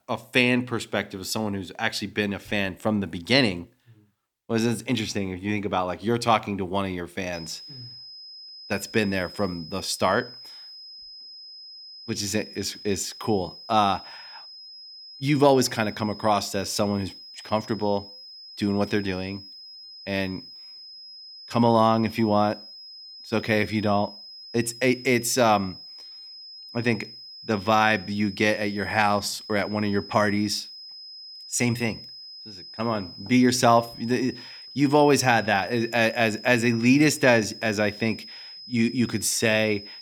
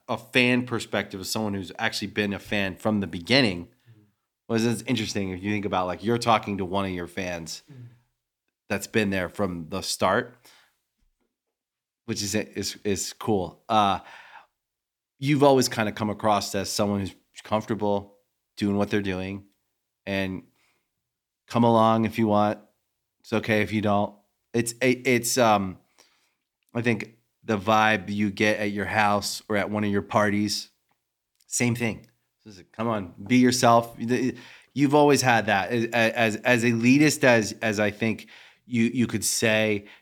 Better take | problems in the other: second | high-pitched whine; noticeable; from 7.5 s on; 5 kHz, 15 dB below the speech

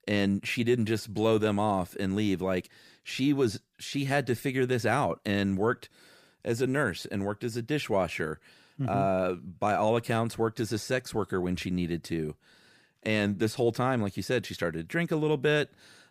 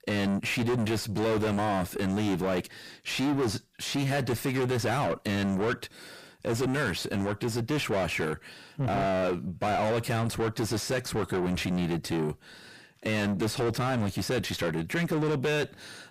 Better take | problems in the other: first | distortion; heavy; 6 dB below the speech

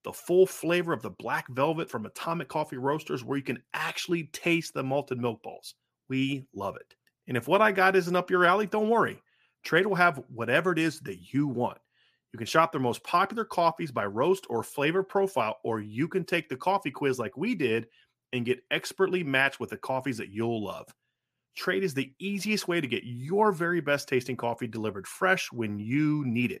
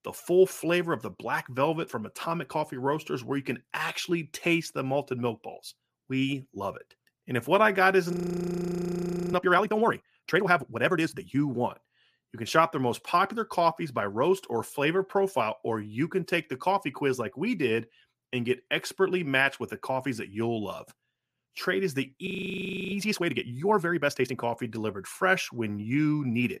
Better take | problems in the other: first | audio freezing; at 8 s for 1 s and at 22 s for 0.5 s

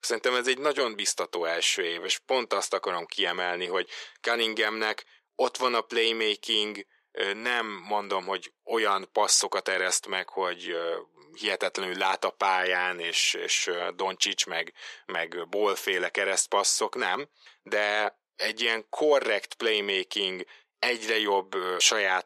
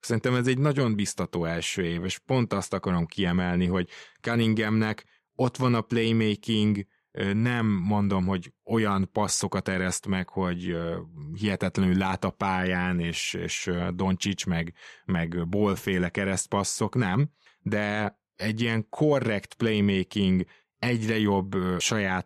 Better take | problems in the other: second | thin; very; fading below 400 Hz

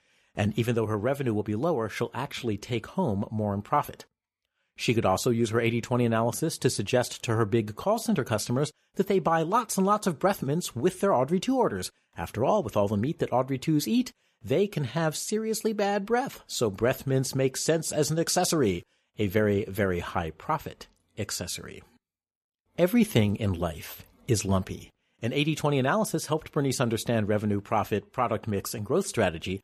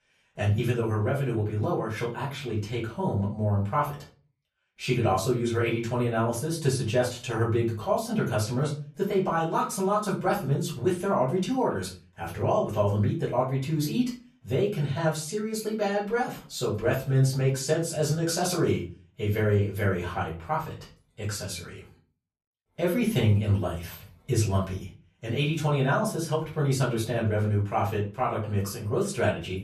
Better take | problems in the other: first | off-mic speech; far // room echo; slight; dies away in 0.3 s

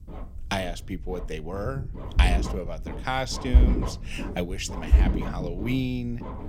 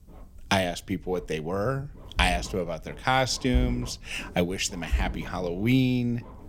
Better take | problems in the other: second | low rumble; loud; throughout; 7 dB below the speech; faint in the second

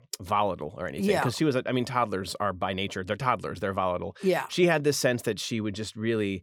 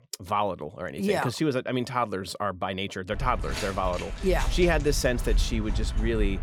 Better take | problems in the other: first | footsteps; noticeable; from 3 s on; peak 1 dB below the speech

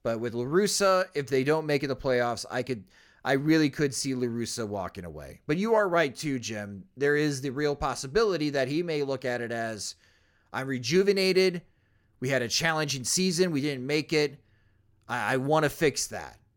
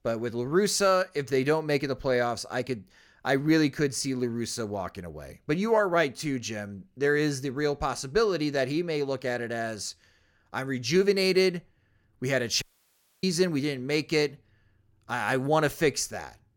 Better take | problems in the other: first | audio cutting out; at 13 s for 0.5 s

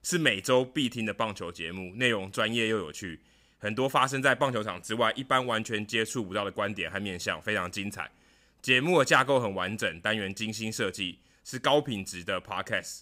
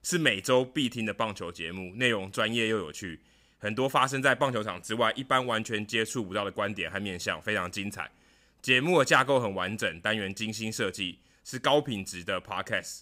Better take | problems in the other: neither | none

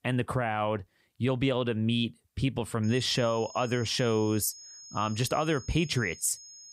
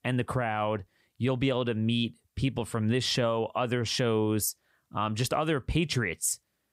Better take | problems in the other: second | high-pitched whine; noticeable; from 3 s on; 6.5 kHz, 15 dB below the speech

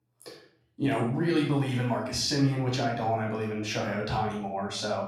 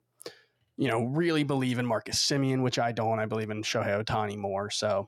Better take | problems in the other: second | off-mic speech; far // room echo; noticeable; dies away in 0.5 s

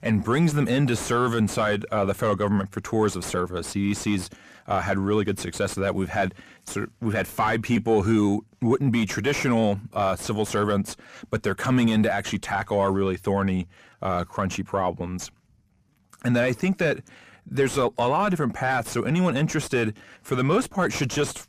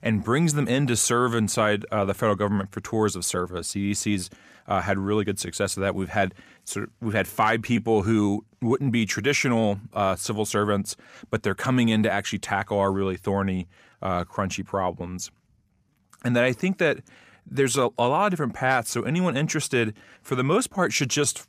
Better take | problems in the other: second | distortion; slight; 10 dB below the speech

